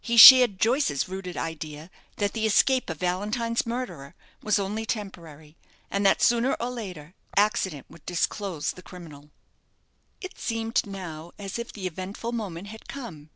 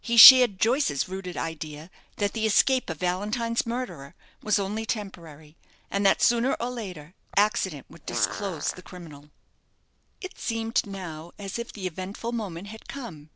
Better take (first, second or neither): first